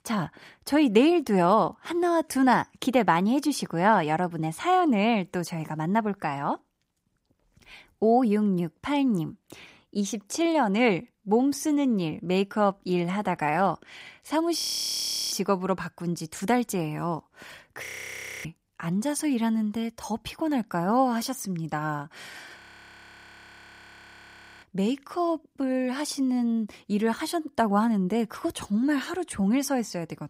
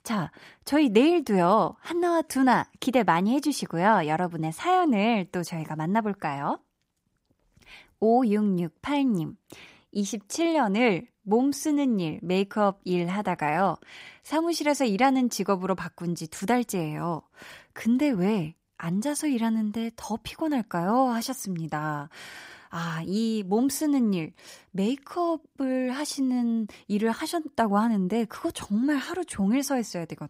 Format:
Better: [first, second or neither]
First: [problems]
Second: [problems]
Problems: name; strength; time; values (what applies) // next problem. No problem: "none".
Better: second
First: audio freezing; at 15 s for 0.5 s, at 18 s for 0.5 s and at 23 s for 2 s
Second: none